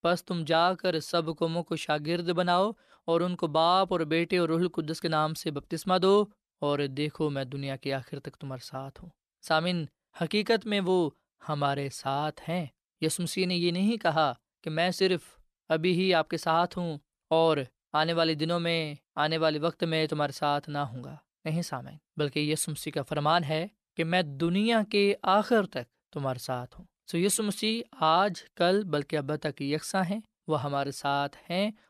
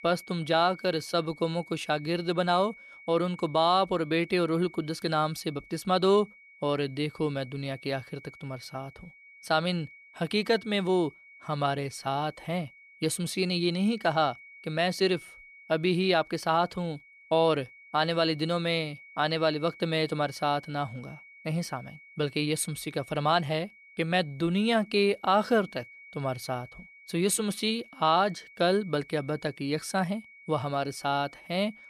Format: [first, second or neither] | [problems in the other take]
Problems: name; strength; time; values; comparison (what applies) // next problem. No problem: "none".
first | high-pitched whine; faint; throughout; 2 kHz, 20 dB below the speech